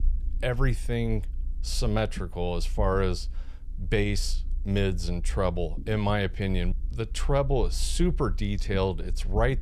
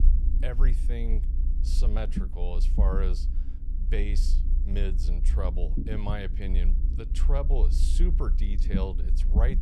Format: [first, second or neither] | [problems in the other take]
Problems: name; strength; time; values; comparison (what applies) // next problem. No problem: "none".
first | low rumble; loud; throughout; 8 dB below the speech; faint in the first